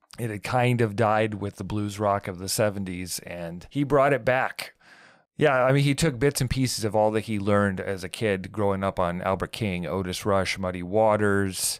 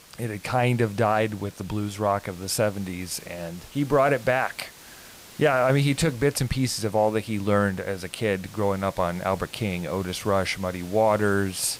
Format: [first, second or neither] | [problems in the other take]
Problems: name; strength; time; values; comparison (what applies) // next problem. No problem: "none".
first | hiss; faint; throughout; 20 dB below the speech